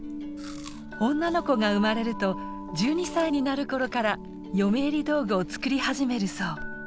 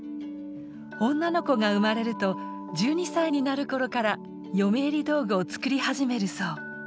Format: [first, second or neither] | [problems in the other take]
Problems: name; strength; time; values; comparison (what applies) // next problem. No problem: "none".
second | background sound (Chewing, mastication); 17 dB below the speech